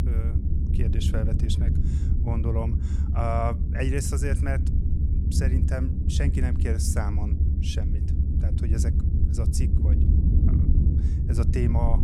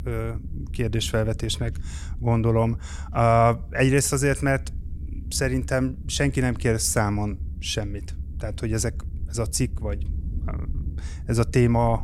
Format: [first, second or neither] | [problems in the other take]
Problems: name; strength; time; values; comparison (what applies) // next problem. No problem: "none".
second | low rumble; loud; throughout; 4 dB below the speech; faint in the second